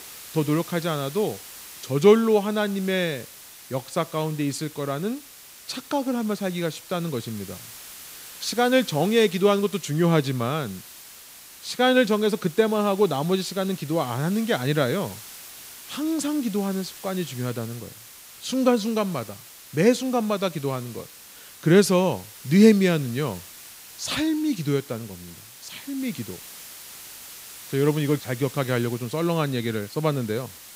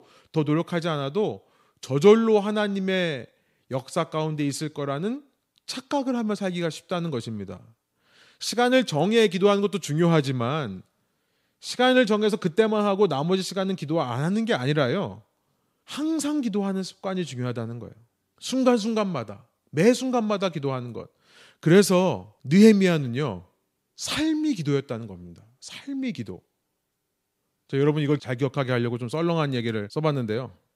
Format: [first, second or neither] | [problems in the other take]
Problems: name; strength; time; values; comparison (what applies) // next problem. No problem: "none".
second | hiss; noticeable; throughout; 15 dB below the speech